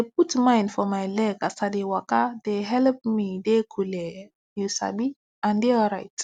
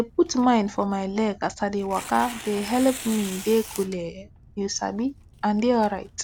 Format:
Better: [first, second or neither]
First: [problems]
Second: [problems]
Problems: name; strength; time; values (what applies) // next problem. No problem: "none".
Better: first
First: none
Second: background sound (Tearing); 16 dB below the speech